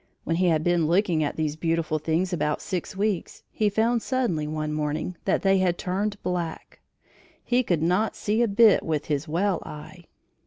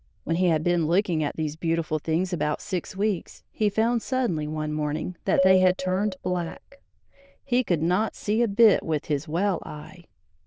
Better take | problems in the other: first | noise reduction (neural diffusion model UNIVERSE++)

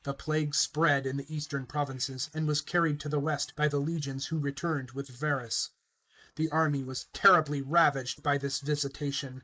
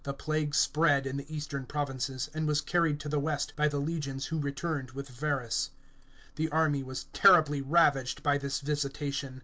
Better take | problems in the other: second | noise reduction (neural mask model Resemble Enhance denoiser)

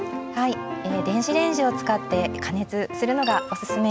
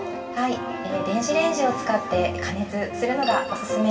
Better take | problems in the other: first | room echo; dies away in 2.4 s

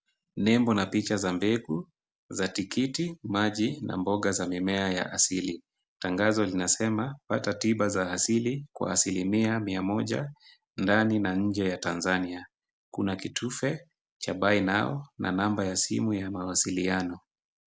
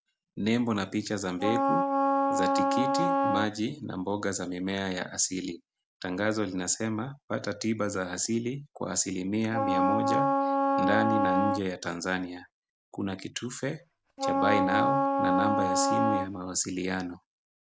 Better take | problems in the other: first | background sound (Wind instrument, woodwind instrument); 4 dB above the speech

